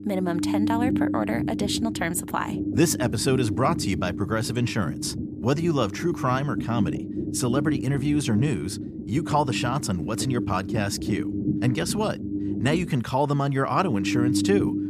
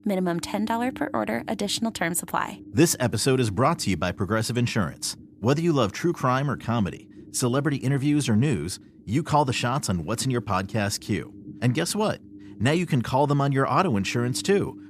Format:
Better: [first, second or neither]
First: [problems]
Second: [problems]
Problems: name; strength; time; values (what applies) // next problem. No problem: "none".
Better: second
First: low rumble; loud; throughout; 6 dB below the speech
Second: low rumble; faint; throughout; 25 dB below the speech